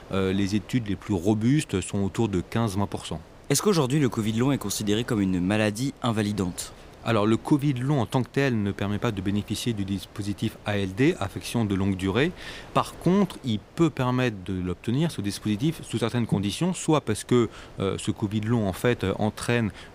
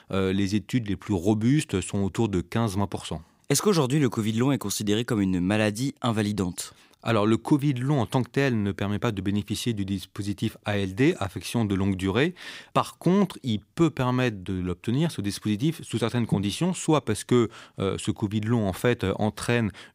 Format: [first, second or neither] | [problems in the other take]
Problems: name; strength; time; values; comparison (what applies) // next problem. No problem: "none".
second | wind noise on the microphone; occasional gusts; 20 dB below the speech